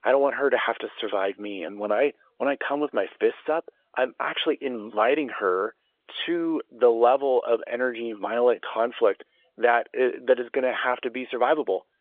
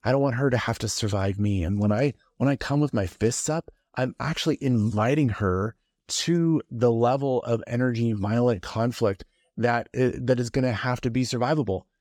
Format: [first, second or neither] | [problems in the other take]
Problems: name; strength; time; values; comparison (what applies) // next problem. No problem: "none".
second | phone-call audio; nothing above 3.5 kHz